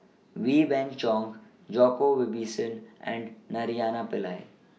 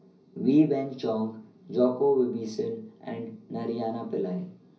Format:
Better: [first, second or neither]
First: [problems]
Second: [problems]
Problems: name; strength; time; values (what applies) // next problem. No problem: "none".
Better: first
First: none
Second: room echo; dies away in 0.5 s